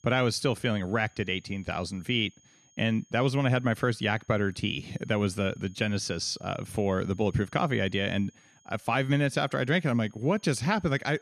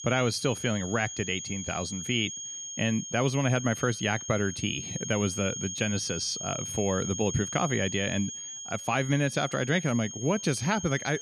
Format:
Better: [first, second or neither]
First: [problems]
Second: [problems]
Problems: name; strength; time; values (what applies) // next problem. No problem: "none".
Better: first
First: high-pitched whine; faint; throughout; 6.5 kHz, 30 dB below the speech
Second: high-pitched whine; loud; throughout; 6.5 kHz, 7 dB below the speech